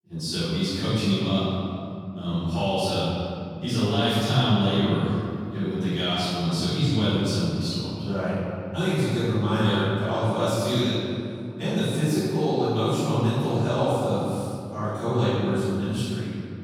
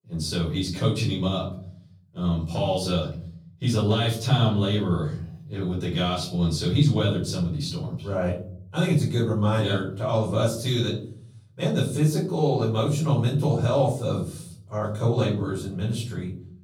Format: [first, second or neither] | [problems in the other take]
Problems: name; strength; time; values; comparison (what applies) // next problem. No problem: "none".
second | room echo; strong; dies away in 2.6 s; slight in the second // off-mic speech; far; far in the second